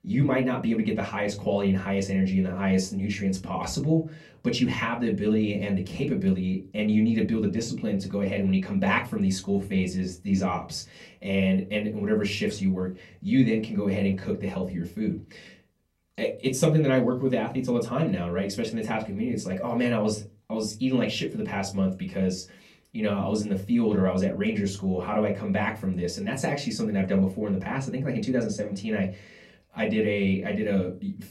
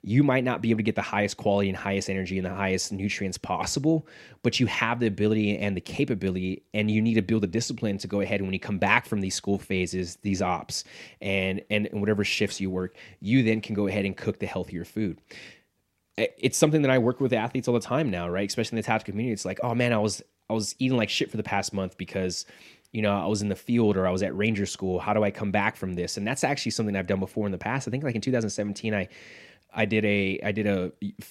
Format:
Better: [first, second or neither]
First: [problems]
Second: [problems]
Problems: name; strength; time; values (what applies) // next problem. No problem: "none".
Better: second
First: off-mic speech; far // room echo; very slight; dies away in 0.3 s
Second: none